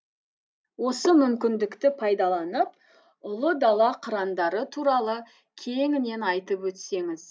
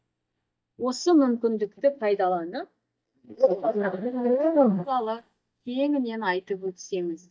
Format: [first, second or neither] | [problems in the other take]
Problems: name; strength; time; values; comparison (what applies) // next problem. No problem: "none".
first | noise reduction (neural mask model DeepFilterNet 3)